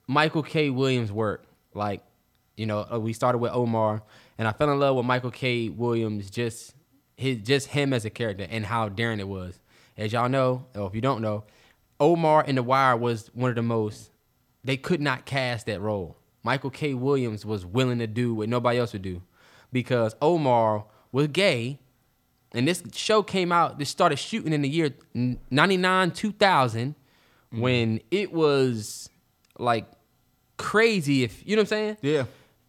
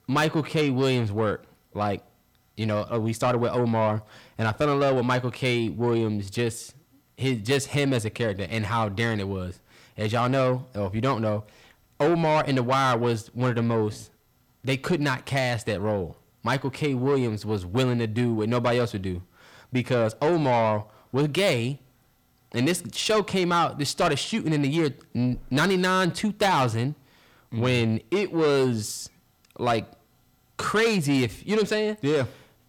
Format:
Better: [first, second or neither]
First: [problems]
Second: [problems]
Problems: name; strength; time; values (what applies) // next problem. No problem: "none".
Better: first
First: none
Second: distortion; slight; 10 dB below the speech